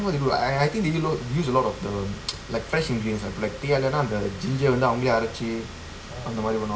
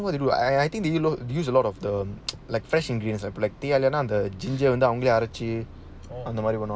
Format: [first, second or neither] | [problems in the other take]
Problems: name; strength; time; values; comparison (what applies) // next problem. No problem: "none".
second | background sound (Car); 17 dB below the speech // room echo; dies away in 0.5 s